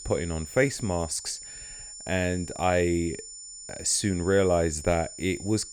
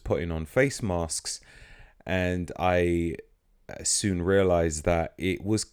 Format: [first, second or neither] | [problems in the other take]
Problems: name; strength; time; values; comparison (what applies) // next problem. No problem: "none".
second | high-pitched whine; noticeable; throughout; 7 kHz, 15 dB below the speech